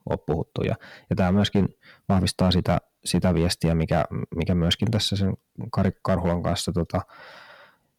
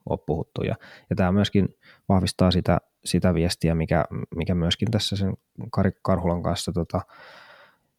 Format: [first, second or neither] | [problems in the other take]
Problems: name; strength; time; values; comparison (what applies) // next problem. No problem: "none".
second | distortion; slight; 2% of the sound clipped